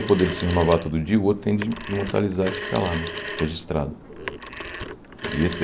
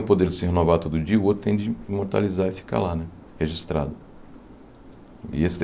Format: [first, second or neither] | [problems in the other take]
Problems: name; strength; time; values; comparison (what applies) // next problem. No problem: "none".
second | background sound (Telephone); 10 dB below the speech